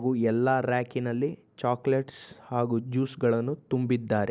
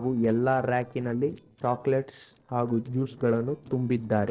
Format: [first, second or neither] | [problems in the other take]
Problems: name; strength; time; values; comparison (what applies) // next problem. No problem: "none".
first | noise reduction (neural separator model SepFormer DNS4)